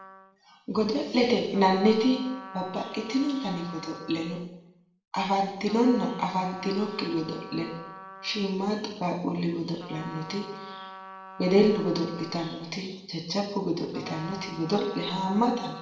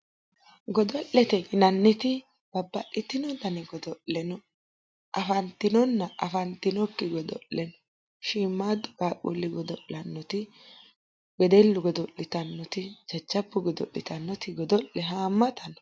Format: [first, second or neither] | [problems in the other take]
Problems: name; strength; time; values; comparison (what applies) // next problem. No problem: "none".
second | background sound (Trumpet); 17 dB below the speech // room echo; dies away in 0.8 s